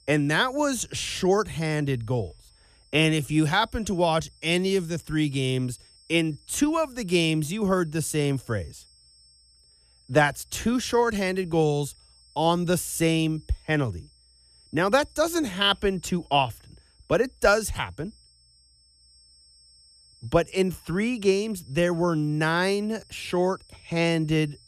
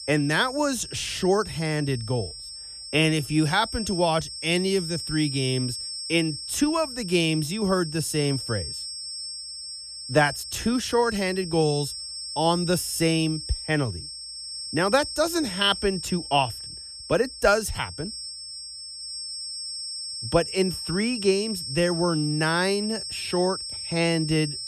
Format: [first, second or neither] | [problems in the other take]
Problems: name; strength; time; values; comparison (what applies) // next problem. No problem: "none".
first | high-pitched whine; loud; throughout; 5.5 kHz, 7 dB below the speech; faint in the first